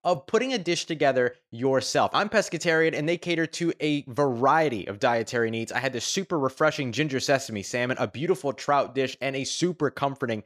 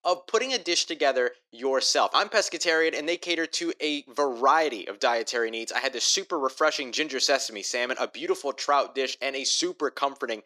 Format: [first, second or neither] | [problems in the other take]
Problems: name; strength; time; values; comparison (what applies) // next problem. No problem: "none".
first | thin; somewhat; fading below 300 Hz